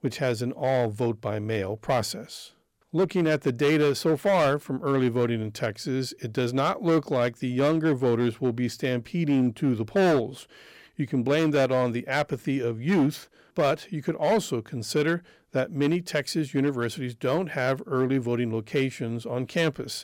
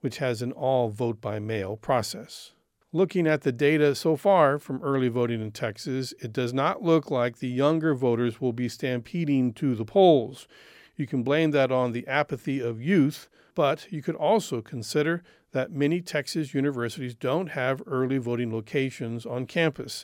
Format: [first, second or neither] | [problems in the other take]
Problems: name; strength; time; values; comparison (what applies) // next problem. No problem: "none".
second | distortion; slight; 6% of the sound clipped